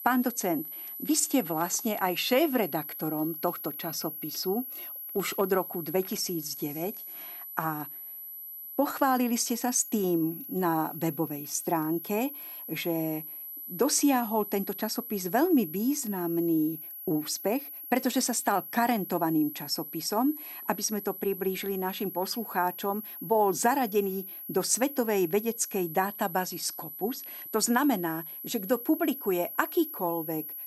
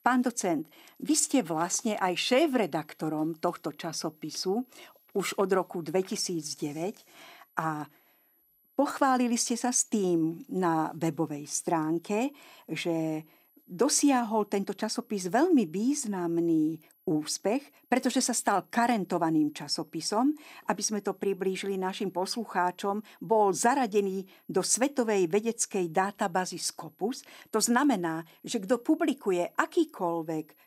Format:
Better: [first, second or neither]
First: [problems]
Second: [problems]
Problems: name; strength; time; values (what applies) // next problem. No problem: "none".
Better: second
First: high-pitched whine; loud; throughout; 11.5 kHz, 9 dB below the speech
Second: high-pitched whine; faint; throughout; 11.5 kHz, 35 dB below the speech